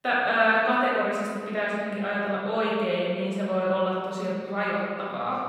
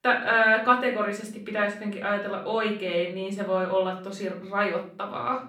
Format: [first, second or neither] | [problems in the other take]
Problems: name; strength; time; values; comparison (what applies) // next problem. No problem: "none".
second | room echo; strong; dies away in 1.8 s; slight in the second // off-mic speech; far; far in the second